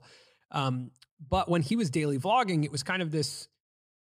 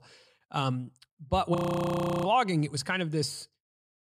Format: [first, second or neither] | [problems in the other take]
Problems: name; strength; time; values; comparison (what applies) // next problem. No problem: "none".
first | audio freezing; at 1.5 s for 0.5 s